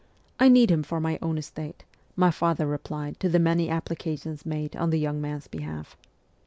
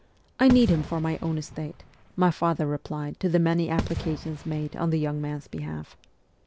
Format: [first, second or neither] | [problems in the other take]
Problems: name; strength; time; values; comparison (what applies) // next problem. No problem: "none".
first | background sound (Fireworks); 11 dB below the speech